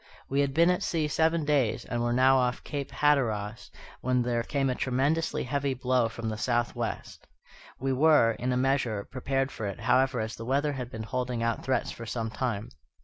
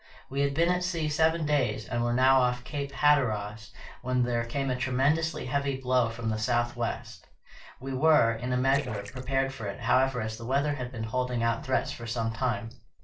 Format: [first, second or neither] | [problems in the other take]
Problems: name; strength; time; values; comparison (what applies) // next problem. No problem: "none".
first | noise reduction (neural separator model SepFormer DNS4)